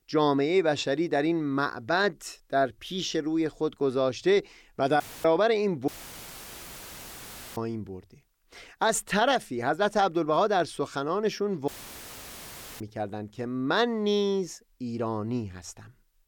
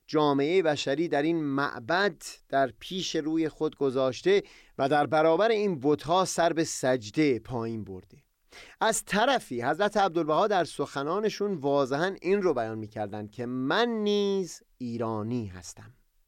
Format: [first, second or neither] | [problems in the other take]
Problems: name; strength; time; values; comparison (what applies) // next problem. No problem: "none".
second | audio cutting out; filled with static; at 5 s, at 6 s for 1.5 s and at 12 s for 1 s